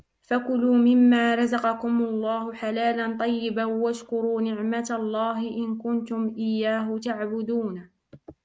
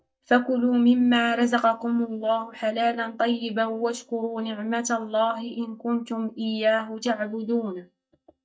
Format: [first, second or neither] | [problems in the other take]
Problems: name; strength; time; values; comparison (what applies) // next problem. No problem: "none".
first | noise reduction (neural mask model DeepFilterNet 3)